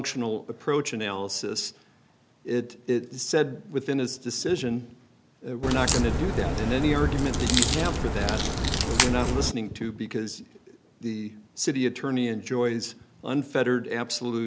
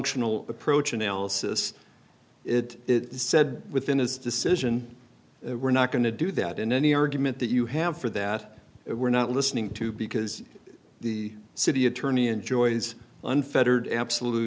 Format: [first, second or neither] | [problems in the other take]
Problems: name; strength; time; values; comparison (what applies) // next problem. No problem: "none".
second | background sound (Crack); 3 dB above the speech